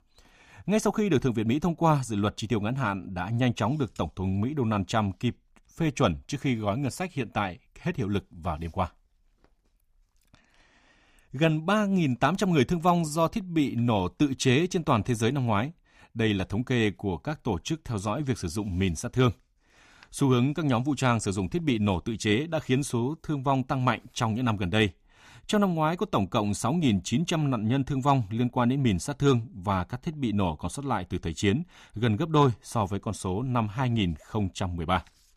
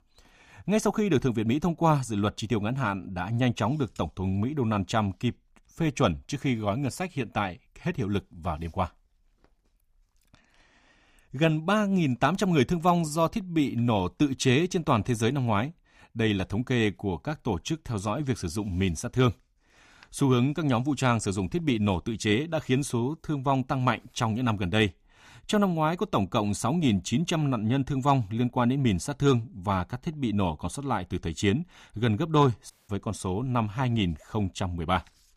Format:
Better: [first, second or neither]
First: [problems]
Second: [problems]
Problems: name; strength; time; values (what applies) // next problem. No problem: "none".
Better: first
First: none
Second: audio cutting out; at 33 s